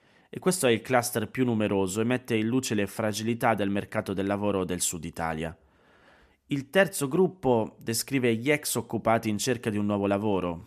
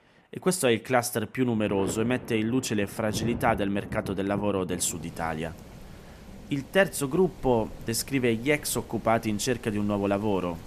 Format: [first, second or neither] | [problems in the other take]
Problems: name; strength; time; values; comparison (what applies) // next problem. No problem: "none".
first | rain or running water; noticeable; throughout; 15 dB below the speech